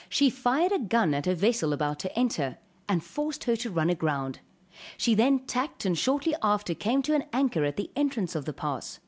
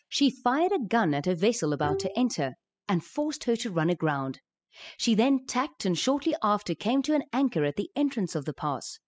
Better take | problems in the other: first | noise reduction (classical method spectral subtraction)

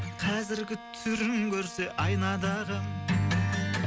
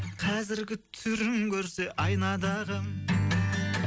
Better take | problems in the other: second | background sound (Bowed string instrument); 16 dB below the speech

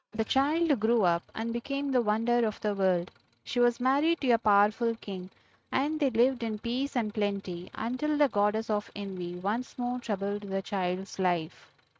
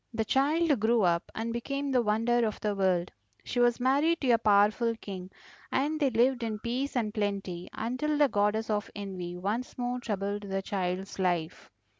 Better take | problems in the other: second | noise reduction (neural mask model RNNoise)

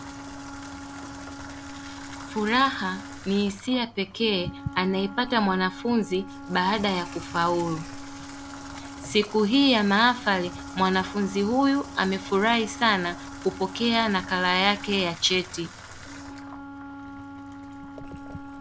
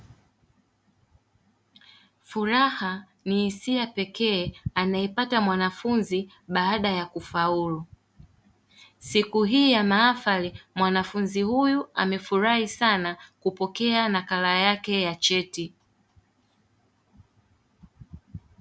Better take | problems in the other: second | background sound (Bathtub (filling or washing) / Water tap, faucet + Wind instrument, woodwind instrument); 13 dB below the speech

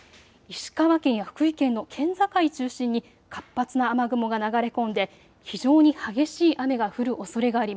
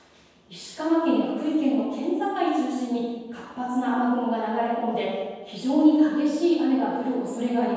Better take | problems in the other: first | room echo; dies away in 1.2 s

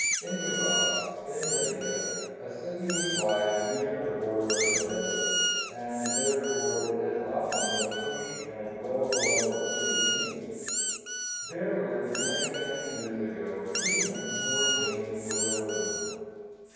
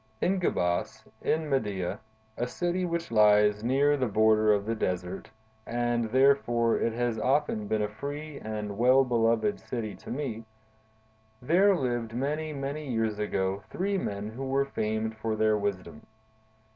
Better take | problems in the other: second | background sound (Squeak); as loud as the speech // room echo; dies away in 2.2 s

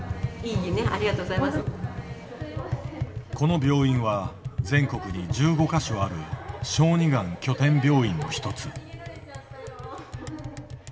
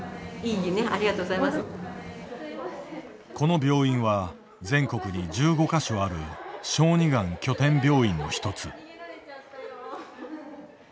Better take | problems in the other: second | background sound (Tap); 8 dB below the speech // room echo; dies away in 2 s

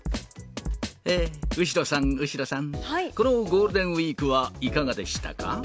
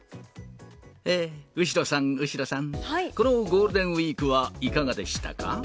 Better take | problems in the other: second | background sound (Drum kit); 10 dB below the speech

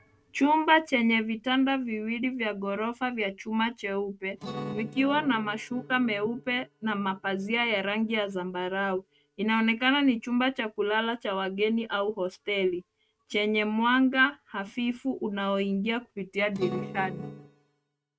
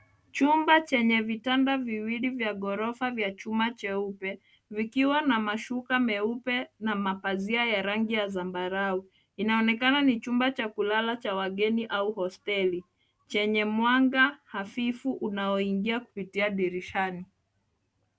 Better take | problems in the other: second | noise reduction (neural mask model RNNoise)

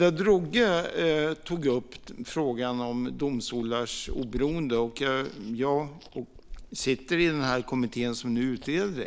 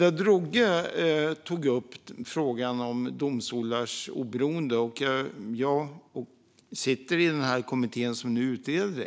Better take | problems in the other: second | background sound (Chewing, mastication); 17 dB below the speech

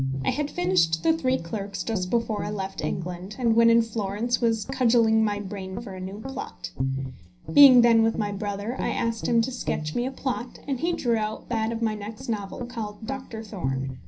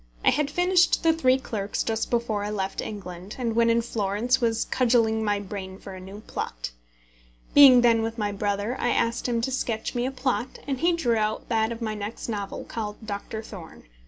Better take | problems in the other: second | background sound (Guitar); 9 dB below the speech // room echo; dies away in 0.5 s

